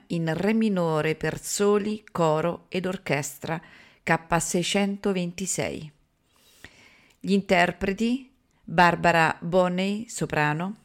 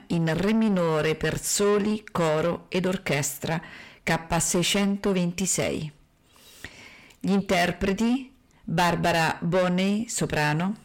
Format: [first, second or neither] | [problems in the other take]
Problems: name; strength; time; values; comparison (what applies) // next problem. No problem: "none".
first | distortion; heavy; 6 dB below the speech